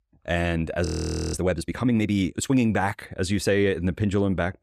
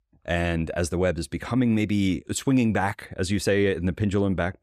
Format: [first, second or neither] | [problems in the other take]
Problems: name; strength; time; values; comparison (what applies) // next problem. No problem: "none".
second | audio freezing; at 1 s